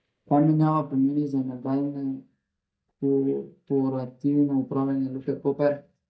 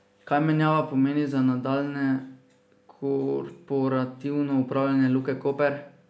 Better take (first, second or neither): second